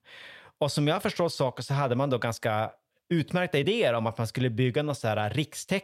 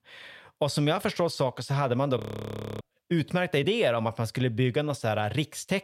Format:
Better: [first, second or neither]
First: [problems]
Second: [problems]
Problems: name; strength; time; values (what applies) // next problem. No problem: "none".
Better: first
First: none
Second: audio freezing; at 2 s for 0.5 s